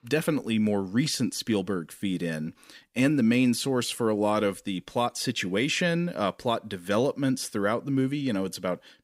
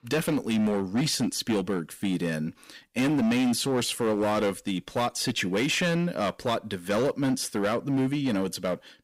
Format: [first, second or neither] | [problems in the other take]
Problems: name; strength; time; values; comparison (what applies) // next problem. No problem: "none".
first | distortion; slight; 13% of the sound clipped